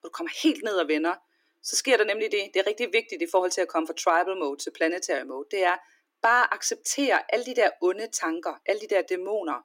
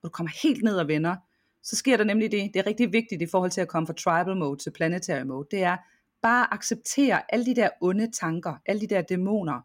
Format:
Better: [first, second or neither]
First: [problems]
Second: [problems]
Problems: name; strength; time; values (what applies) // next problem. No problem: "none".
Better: second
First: thin; somewhat; fading below 300 Hz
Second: none